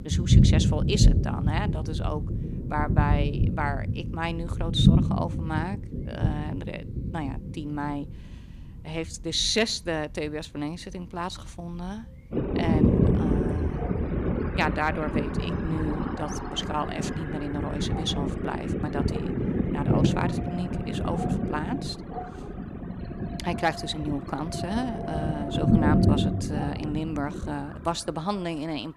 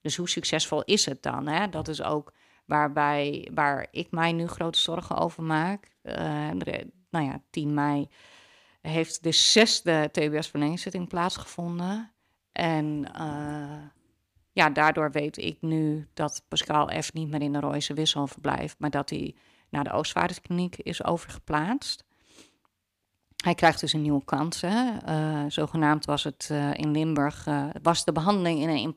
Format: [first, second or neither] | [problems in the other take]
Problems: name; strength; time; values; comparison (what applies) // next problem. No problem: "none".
second | rain or running water; very loud; throughout; 5 dB above the speech